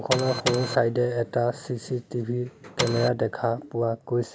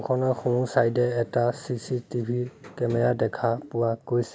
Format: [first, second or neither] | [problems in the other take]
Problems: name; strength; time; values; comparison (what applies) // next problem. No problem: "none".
second | background sound (Printer); 2 dB below the speech